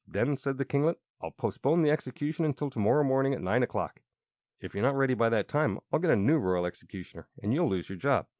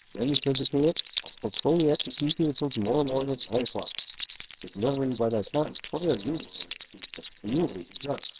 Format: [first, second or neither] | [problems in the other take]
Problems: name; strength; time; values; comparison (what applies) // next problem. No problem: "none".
first | noise reduction (neural separator model SepFormer WHAMR!)